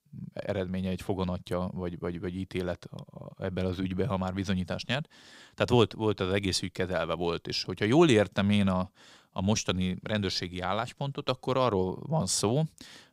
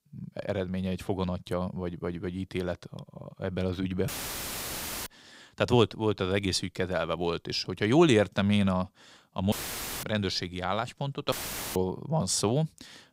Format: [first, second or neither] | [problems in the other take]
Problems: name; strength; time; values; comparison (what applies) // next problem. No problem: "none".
first | audio cutting out; filled with static; at 4 s for 1 s, at 9.5 s for 0.5 s and at 11 s